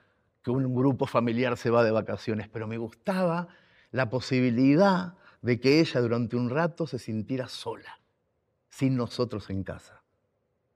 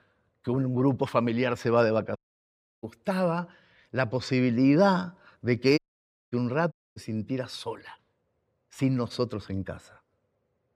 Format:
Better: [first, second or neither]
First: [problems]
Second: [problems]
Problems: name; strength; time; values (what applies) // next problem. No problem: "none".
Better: first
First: none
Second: audio cutting out; at 2 s for 0.5 s, at 6 s for 0.5 s and at 6.5 s